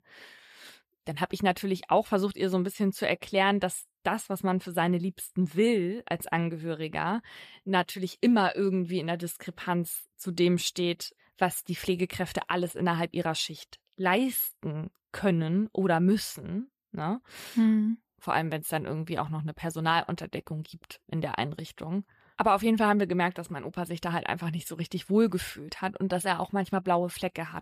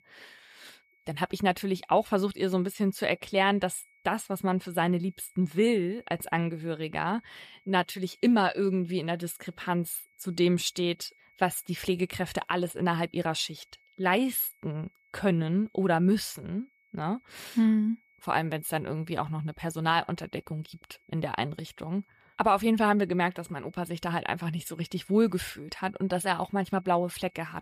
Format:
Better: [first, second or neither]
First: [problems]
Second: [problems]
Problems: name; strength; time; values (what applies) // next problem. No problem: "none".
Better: first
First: none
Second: high-pitched whine; faint; throughout; 2 kHz, 35 dB below the speech